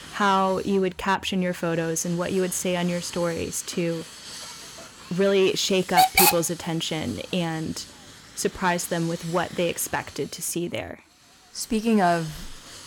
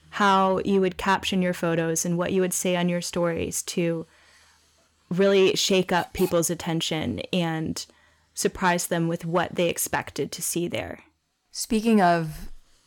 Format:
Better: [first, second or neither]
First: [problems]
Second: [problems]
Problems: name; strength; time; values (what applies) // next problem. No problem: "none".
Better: second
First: hiss; loud; throughout; 1 dB below the speech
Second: hiss; faint; throughout; 25 dB below the speech